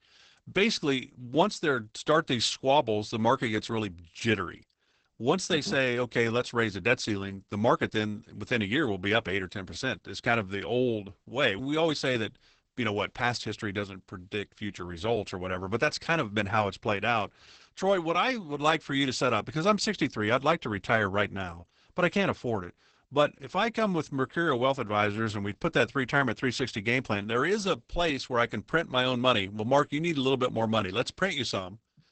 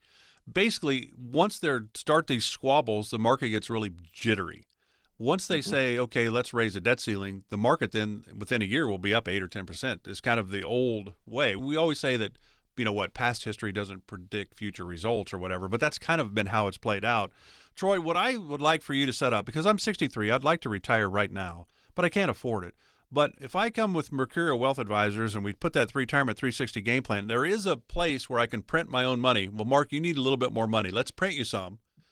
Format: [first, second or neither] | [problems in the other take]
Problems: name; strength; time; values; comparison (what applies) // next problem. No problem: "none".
second | garbled, watery; badly; nothing above 8 kHz; slightly in the second